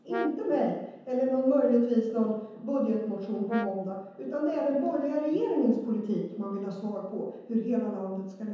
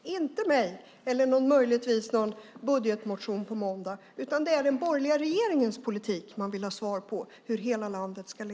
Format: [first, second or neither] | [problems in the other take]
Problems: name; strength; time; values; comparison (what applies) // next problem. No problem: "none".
second | background sound (Brass instrument); 12 dB below the speech // room echo; dies away in 0.9 s